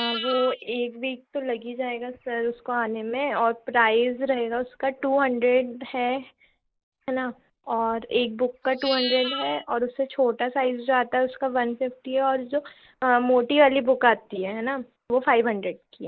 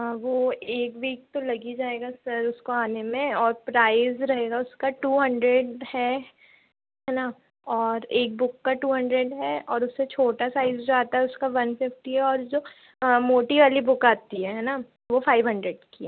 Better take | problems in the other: second | noise reduction (neural mask model Resemble Enhance denoiser)

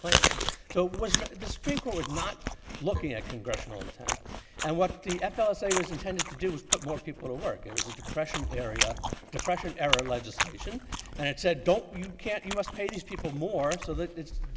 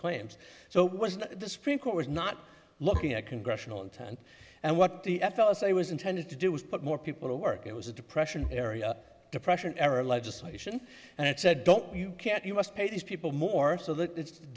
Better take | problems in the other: second | background sound (Chewing, mastication); 1 dB below the speech

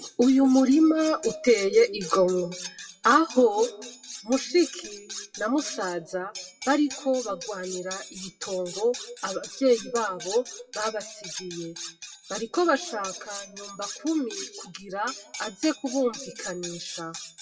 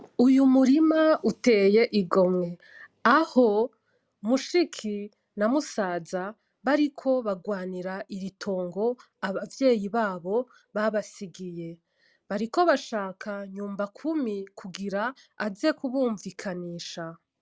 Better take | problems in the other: second | noise reduction (classical method WPE with log-MMSE)

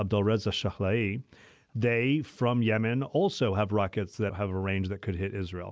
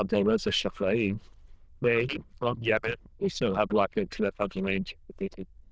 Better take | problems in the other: first | noise reduction (neural diffusion model UNIVERSE++)

